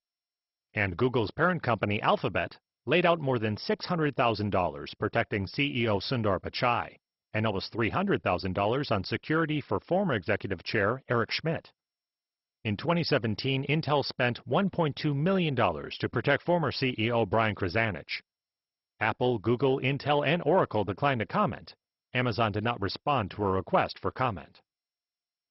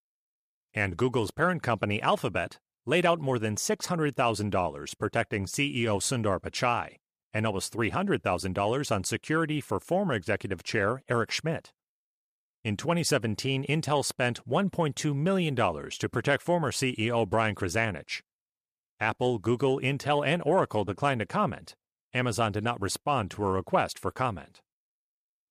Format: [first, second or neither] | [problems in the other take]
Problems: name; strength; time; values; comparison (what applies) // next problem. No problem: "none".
second | garbled, watery; badly; nothing above 5.5 kHz